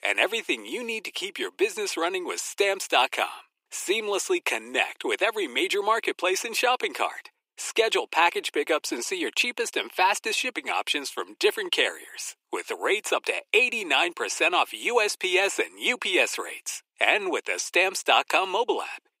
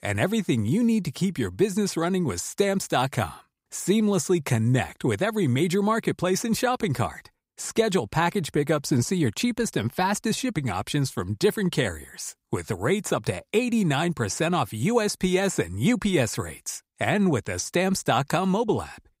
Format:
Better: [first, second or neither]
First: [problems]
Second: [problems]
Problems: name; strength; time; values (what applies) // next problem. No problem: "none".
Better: second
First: thin; very; fading below 350 Hz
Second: none